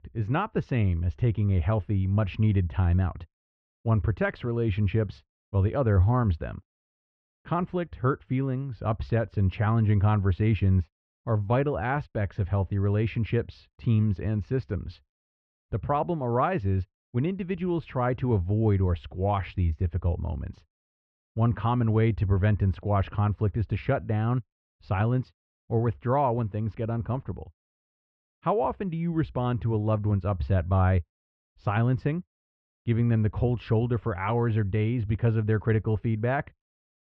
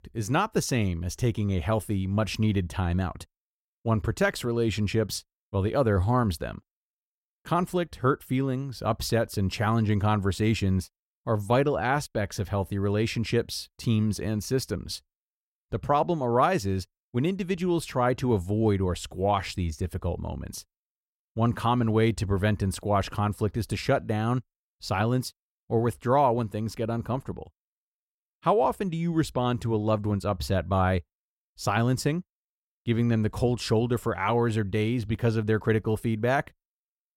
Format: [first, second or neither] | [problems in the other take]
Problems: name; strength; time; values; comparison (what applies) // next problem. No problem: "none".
second | muffled; very; fading above 3 kHz